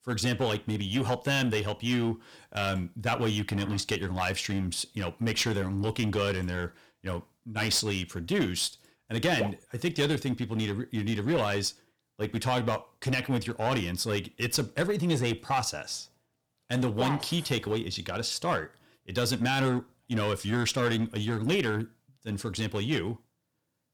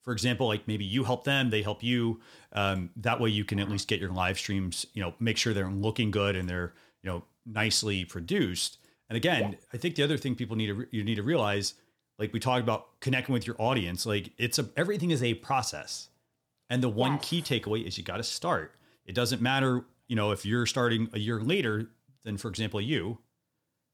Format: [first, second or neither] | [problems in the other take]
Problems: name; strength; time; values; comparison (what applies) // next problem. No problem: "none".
second | distortion; slight; 5% of the sound clipped